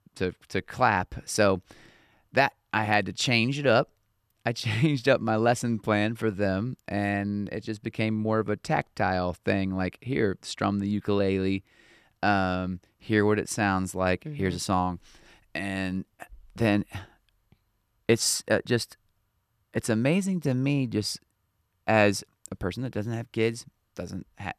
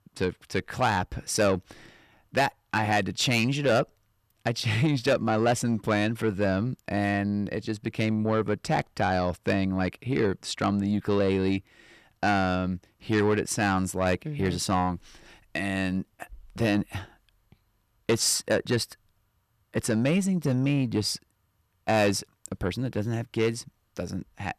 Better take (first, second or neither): first